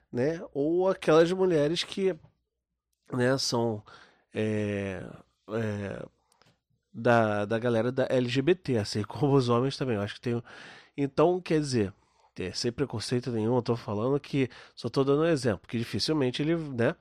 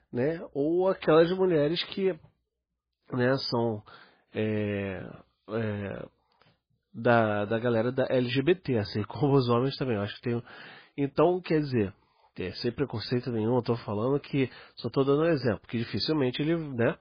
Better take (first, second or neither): first